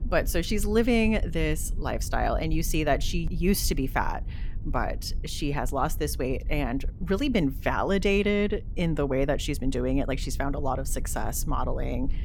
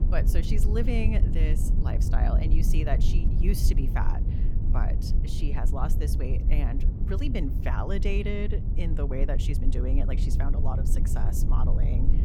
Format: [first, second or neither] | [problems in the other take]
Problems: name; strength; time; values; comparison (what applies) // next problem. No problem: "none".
first | low rumble; loud; throughout; 5 dB below the speech; faint in the first